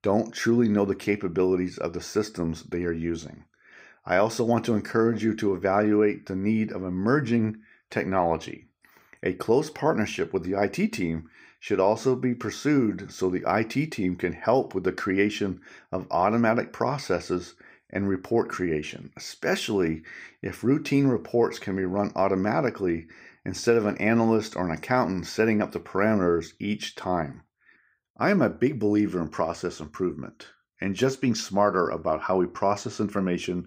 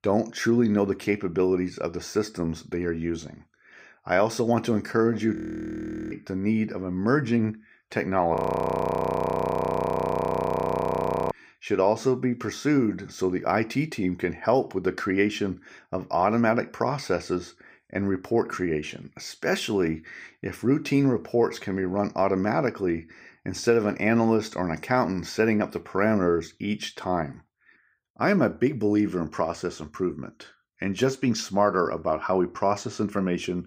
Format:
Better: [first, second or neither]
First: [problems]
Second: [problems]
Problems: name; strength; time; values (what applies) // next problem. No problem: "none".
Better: first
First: none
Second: audio freezing; at 5.5 s for 1 s and at 8.5 s for 3 s